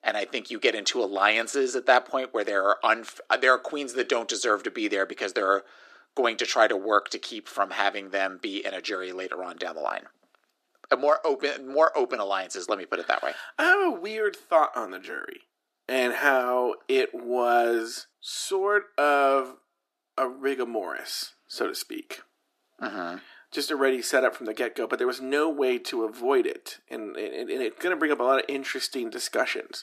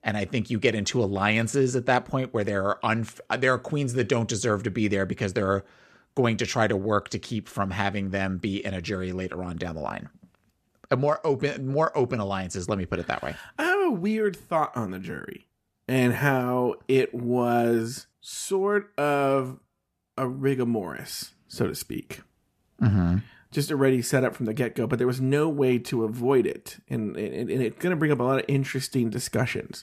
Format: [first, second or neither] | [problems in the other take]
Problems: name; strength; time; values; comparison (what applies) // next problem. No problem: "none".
second | thin; very; fading below 300 Hz